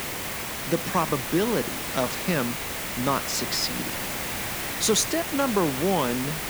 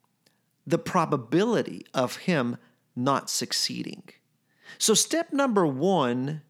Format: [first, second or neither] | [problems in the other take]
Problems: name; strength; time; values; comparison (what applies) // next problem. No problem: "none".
second | hiss; loud; throughout; 3 dB below the speech